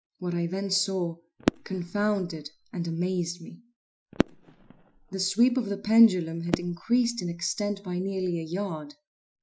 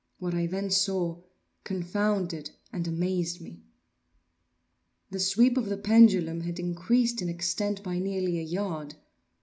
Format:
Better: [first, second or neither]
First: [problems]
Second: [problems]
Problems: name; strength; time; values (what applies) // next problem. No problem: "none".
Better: second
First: noise reduction (classical method Wiener filter)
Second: none